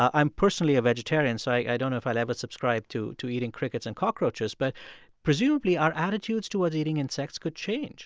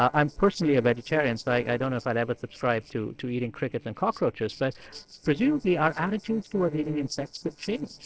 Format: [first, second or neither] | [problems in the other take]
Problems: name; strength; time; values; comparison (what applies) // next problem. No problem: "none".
first | noise reduction (neural separator model SepFormer DNS4)